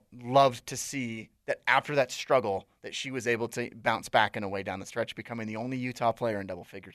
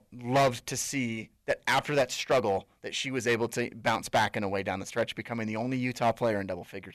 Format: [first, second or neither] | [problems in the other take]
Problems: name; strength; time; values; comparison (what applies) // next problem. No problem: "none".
first | distortion; heavy; 5% of the sound clipped